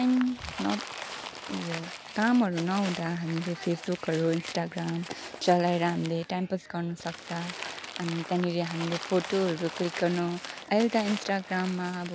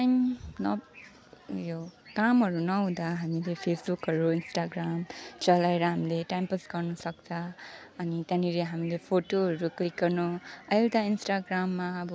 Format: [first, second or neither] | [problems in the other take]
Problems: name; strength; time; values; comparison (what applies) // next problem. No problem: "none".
second | background sound (Crumpling, crinkling); 12 dB below the speech